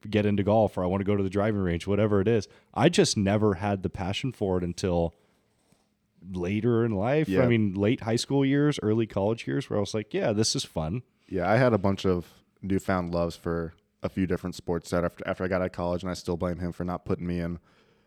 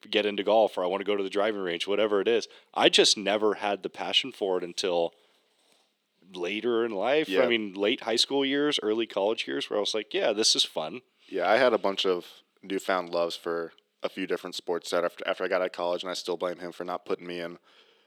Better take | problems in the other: first | thin; somewhat; fading below 350 Hz

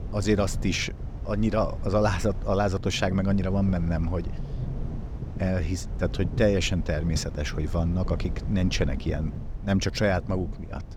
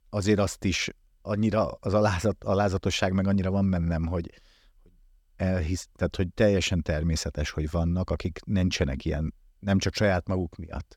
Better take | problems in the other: second | low rumble; noticeable; throughout; 15 dB below the speech

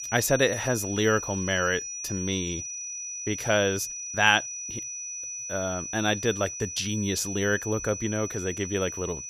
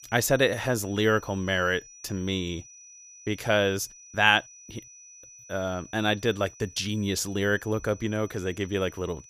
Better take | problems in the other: second | high-pitched whine; loud; throughout; 6 kHz, 6 dB below the speech; faint in the second

